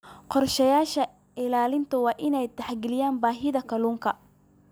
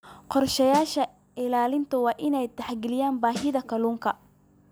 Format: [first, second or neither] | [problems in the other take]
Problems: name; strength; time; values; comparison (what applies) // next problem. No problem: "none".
first | background sound (Snare drum); 13 dB below the speech